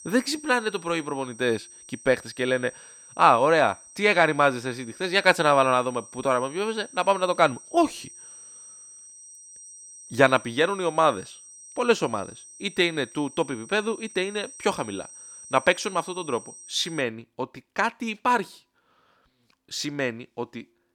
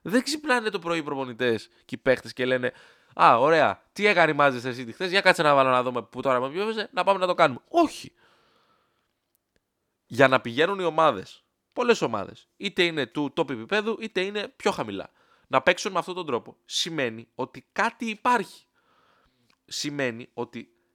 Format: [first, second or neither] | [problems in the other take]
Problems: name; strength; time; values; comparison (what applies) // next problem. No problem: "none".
second | high-pitched whine; noticeable; until 17 s; 8.5 kHz, 20 dB below the speech